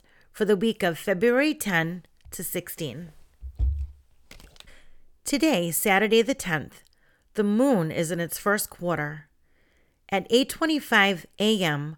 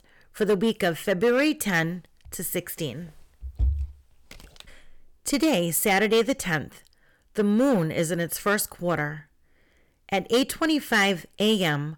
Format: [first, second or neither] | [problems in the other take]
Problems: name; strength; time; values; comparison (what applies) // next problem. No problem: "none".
first | distortion; slight; 4% of the sound clipped